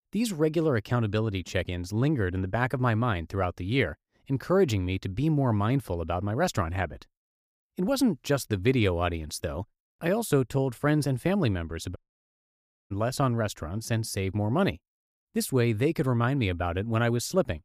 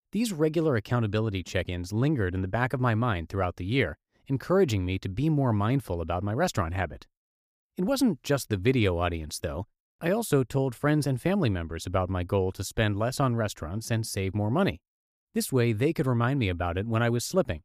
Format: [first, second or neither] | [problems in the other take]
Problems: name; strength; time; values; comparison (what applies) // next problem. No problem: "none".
second | audio cutting out; at 12 s for 1 s